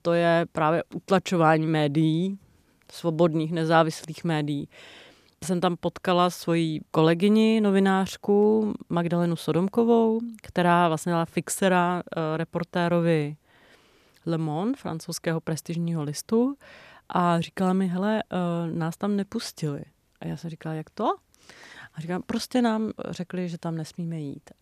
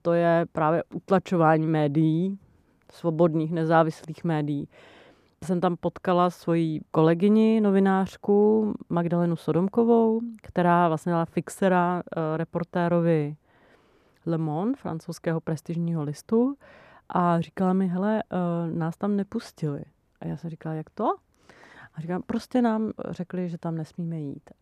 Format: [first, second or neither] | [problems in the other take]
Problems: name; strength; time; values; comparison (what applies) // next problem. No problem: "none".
first | muffled; slightly; fading above 2 kHz